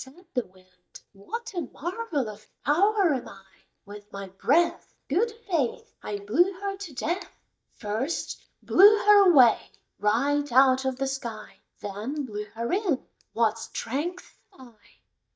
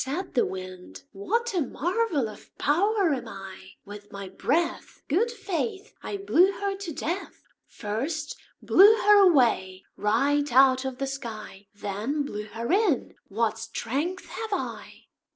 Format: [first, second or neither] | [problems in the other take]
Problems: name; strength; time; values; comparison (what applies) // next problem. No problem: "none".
second | noise reduction (neural mask model DeepFilterNet 3)